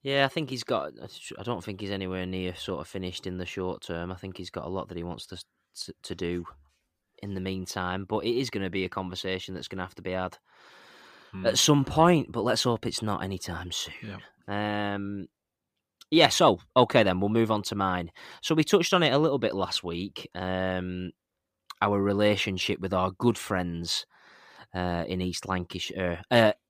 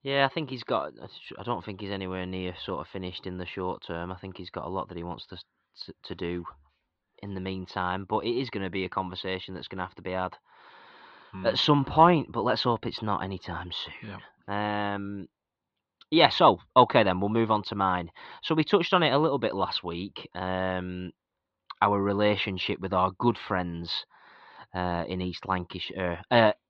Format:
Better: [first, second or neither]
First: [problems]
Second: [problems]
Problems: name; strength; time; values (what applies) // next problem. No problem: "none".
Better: first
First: none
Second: muffled; very slightly; fading above 4 kHz